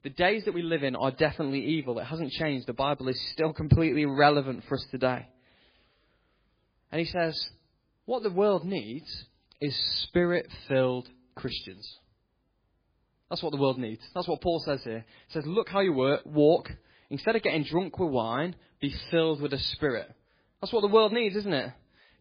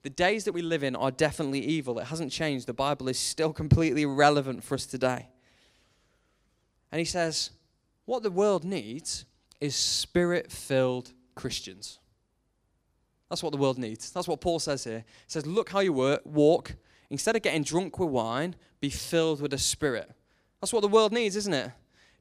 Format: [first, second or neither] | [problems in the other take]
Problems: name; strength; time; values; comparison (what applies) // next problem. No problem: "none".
second | garbled, watery; badly; nothing above 4 kHz